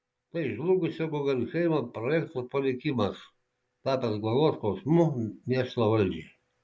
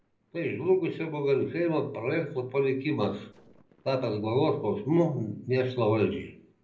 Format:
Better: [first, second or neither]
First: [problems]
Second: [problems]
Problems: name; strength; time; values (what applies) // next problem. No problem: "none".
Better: first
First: none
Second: noise reduction (neural separator model SepFormer DNS4)